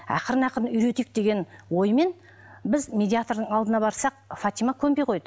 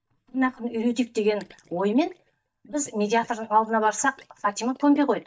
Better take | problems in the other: first | noise reduction (neural mask model DeepFilterNet 3)

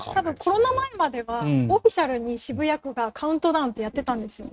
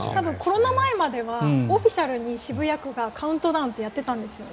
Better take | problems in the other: second | noise reduction (neural mask model RNNoise)

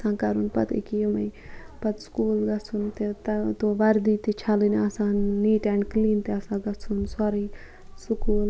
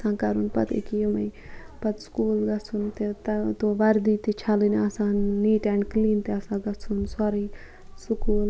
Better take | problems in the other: first | background sound (Meow); 16 dB below the speech

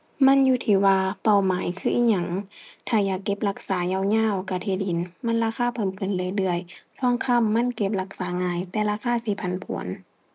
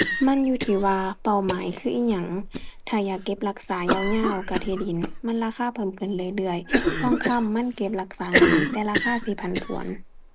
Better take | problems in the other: first | background sound (Cough); 2 dB below the speech

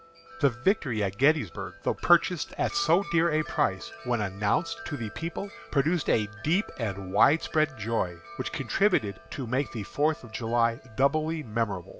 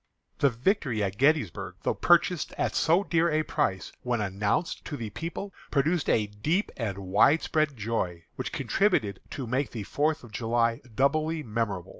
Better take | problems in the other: second | background sound (Wind chime); 18 dB below the speech

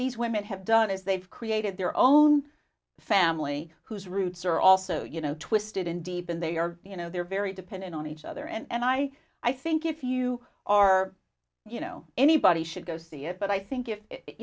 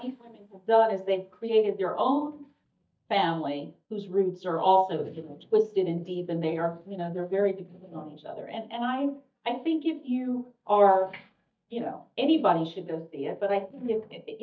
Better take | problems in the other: first | noise reduction (neural mask model DeepFilterNet 3)

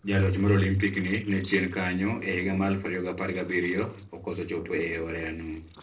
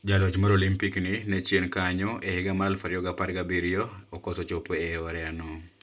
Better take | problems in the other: second | noise reduction (neural separator model SepFormer DNS4)

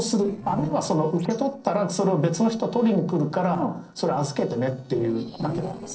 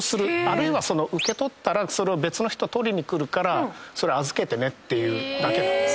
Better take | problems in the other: second | noise reduction (neural separator model SepFormer DNS4)

